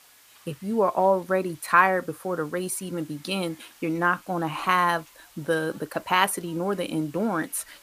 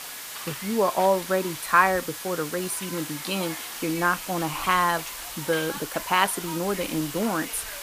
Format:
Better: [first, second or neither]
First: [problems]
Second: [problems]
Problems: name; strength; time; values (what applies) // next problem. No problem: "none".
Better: first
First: hiss; faint; throughout; 25 dB below the speech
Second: hiss; loud; throughout; 8 dB below the speech